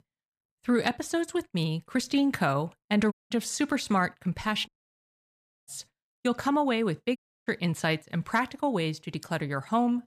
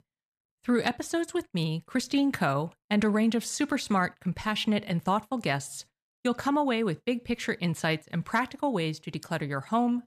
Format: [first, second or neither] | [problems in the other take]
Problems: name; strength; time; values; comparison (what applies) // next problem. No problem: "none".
second | audio cutting out; at 3 s, at 4.5 s for 1 s and at 7 s